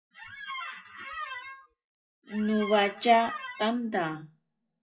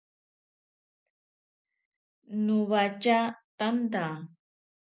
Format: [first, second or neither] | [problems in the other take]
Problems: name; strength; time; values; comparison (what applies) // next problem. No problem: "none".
second | noise reduction (classical method WPE with log-MMSE)